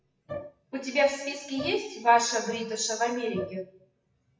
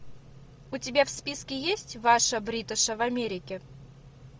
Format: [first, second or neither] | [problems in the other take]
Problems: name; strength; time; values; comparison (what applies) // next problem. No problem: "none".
second | noise reduction (classical method WPE with log-MMSE)